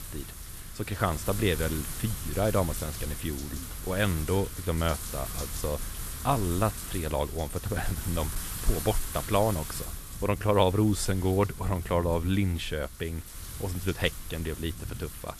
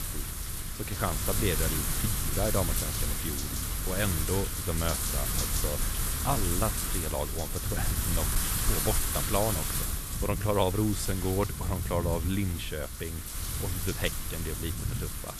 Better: first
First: wind noise on the microphone; occasional gusts; 10 dB below the speech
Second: wind noise on the microphone; heavy; as loud as the speech

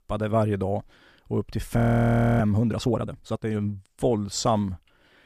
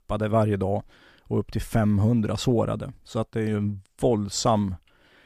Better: second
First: audio freezing; at 2 s for 0.5 s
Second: none

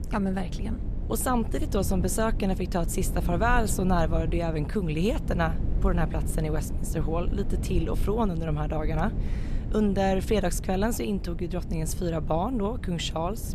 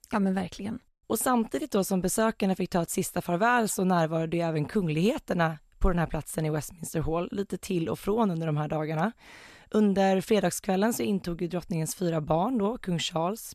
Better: second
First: wind noise on the microphone; occasional gusts; 15 dB below the speech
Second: none

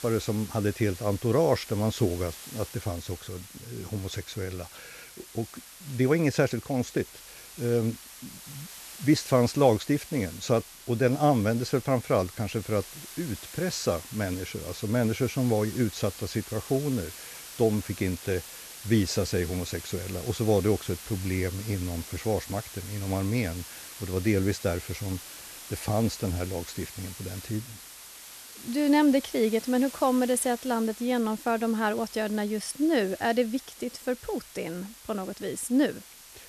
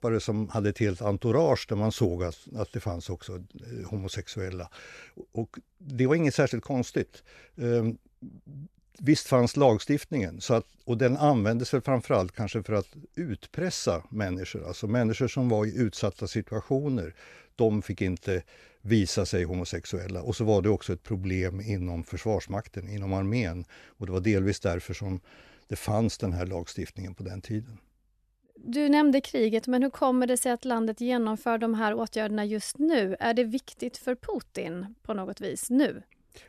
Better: second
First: hiss; noticeable; throughout; 15 dB below the speech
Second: none

